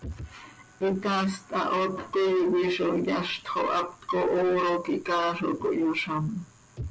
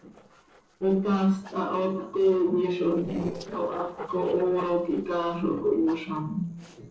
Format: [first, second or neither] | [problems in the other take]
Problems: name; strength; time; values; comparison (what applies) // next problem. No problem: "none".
first | noise reduction (neural separator model SepFormer DNS4)